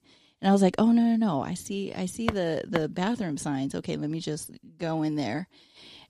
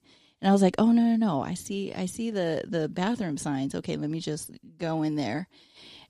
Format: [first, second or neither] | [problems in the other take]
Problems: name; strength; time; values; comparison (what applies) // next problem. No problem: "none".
second | footsteps; noticeable; at 2.5 s; peak 7 dB below the speech